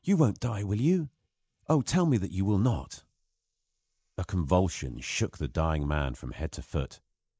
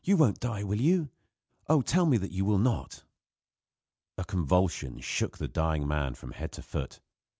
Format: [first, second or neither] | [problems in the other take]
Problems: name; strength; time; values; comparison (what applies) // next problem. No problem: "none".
second | noise reduction (neural mask model Resemble Enhance denoiser)